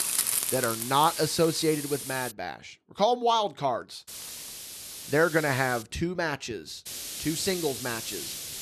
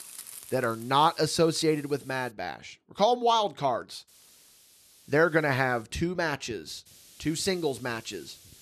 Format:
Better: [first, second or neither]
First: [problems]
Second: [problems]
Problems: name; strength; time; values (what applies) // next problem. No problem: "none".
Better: second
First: hiss; loud; until 2.5 s, from 4 to 6 s and from 7 s on; 5 dB below the speech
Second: hiss; faint; until 2.5 s, from 4 to 6 s and from 7 s on; 20 dB below the speech